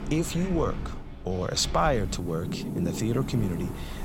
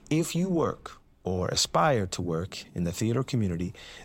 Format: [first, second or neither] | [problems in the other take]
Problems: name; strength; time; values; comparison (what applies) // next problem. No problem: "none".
second | wind in the background; loud; throughout; 7 dB below the speech; faint in the second